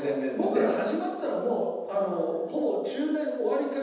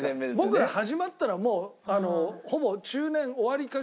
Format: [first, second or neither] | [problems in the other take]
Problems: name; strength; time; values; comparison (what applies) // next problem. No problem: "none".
second | room echo; dies away in 1.1 s